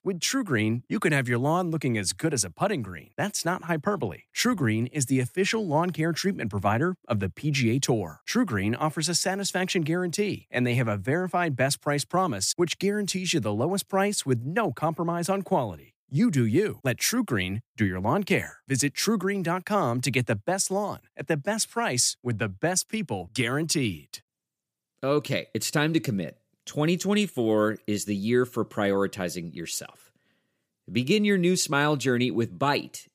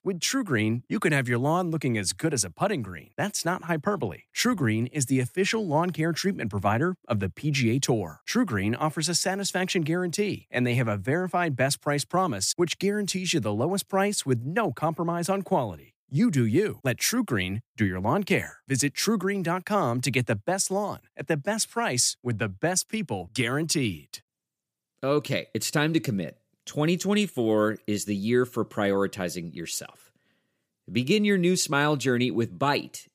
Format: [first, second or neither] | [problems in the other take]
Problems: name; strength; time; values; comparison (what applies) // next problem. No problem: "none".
neither | none